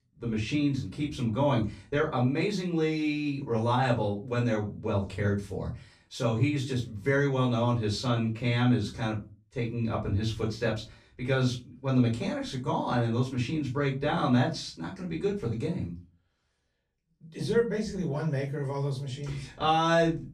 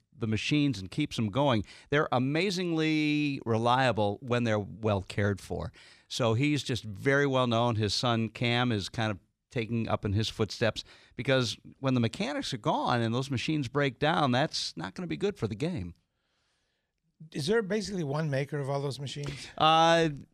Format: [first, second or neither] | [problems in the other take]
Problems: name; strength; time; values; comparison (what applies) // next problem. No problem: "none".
second | off-mic speech; far // room echo; slight; dies away in 0.3 s